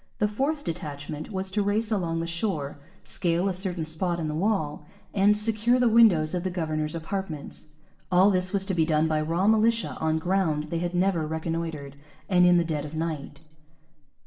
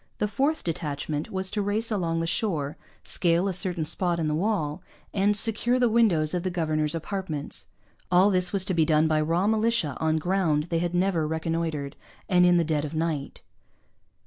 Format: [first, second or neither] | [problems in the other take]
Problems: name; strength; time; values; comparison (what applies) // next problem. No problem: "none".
second | room echo; dies away in 1.5 s